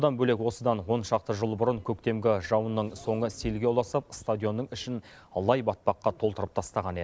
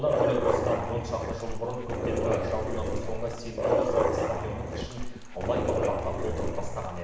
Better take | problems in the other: first | background sound (Dog); 4 dB above the speech // room echo; dies away in 0.9 s

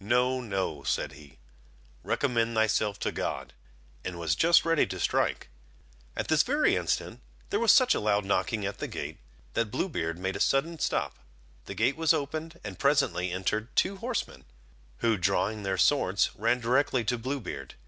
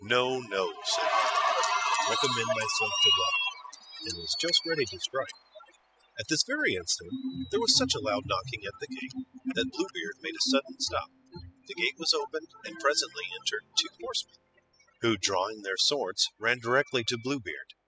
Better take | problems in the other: first | noise reduction (classical method spectral subtraction)

